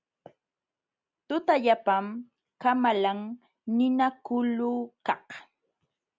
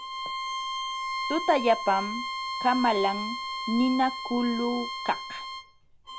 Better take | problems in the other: first | background sound (Bowed string instrument); 5 dB below the speech

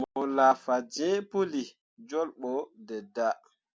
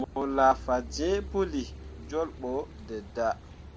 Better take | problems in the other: first | background sound (Car passing by / Idling / Accelerating, revving, vroom); 13 dB below the speech

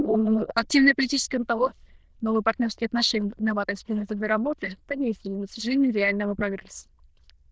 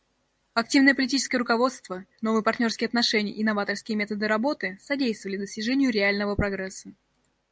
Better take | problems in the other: second | noise reduction (neural diffusion model UNIVERSE++)

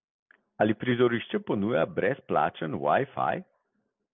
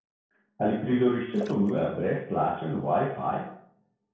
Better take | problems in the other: first | noise reduction (neural separator model SepFormer DNS4)

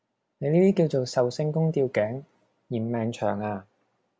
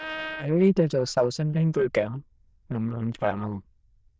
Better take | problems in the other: first | noise reduction (neural diffusion model UNIVERSE++)

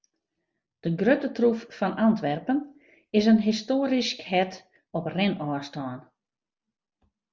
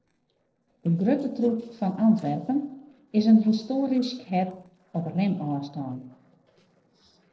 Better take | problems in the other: first | noise reduction (neural separator model SepFormer DNS4)

